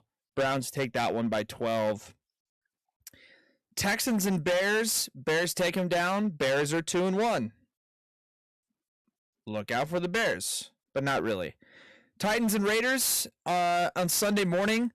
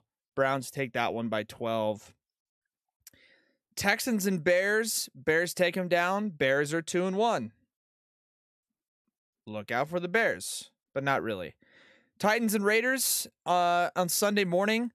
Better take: second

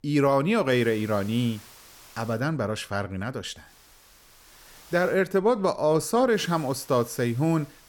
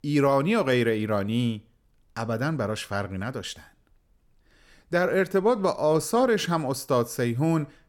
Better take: second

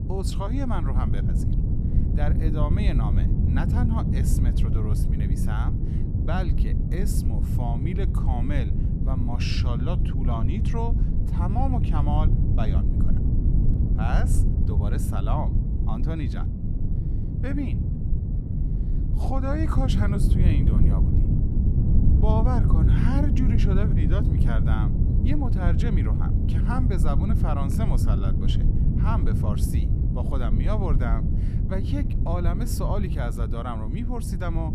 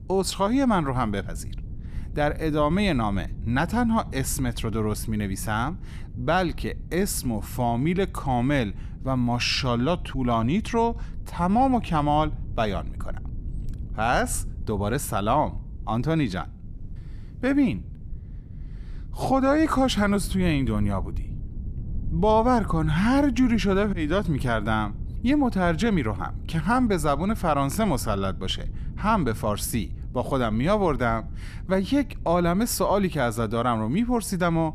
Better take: second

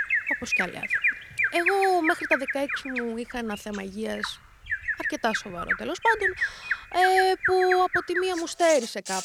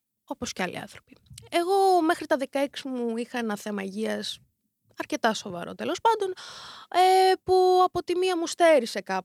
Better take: second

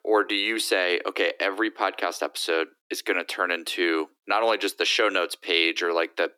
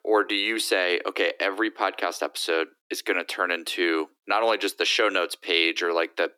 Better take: neither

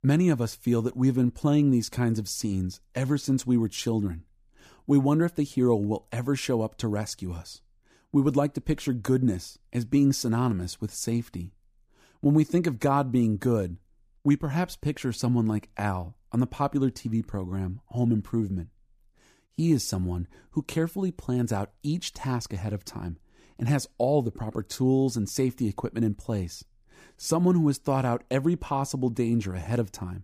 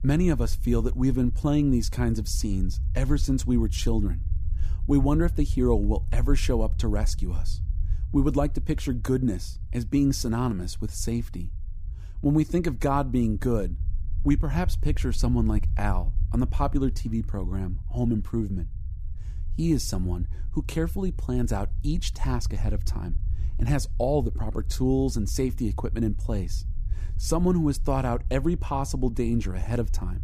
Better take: first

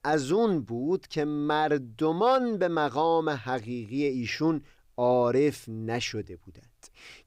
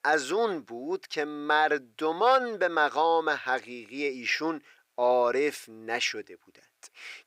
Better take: first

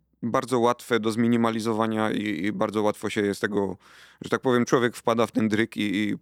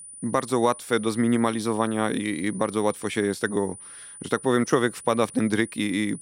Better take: first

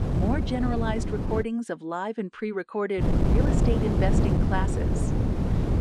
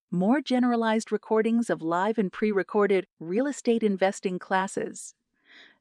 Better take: second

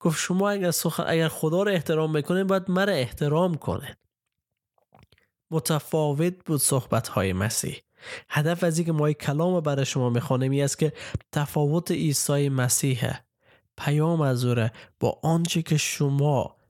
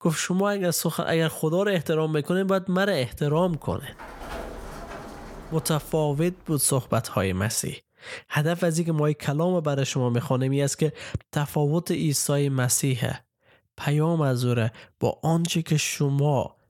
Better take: first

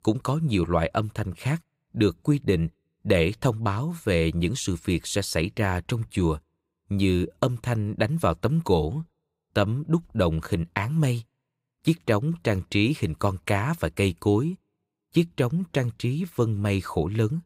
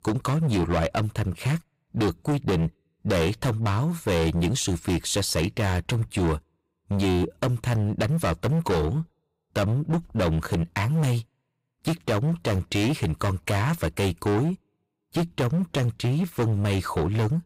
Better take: first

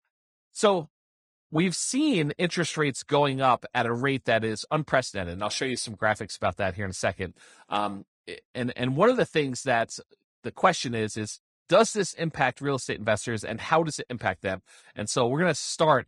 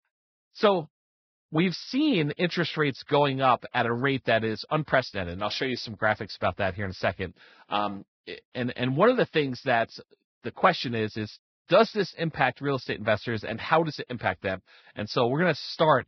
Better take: first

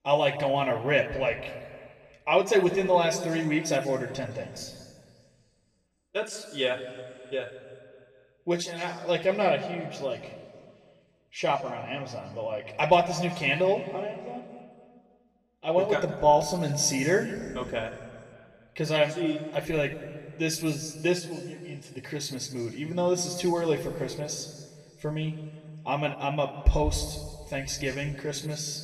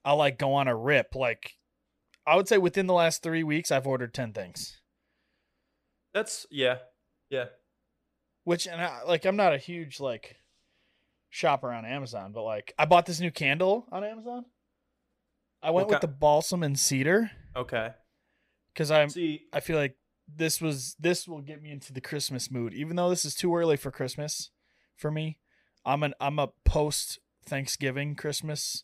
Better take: second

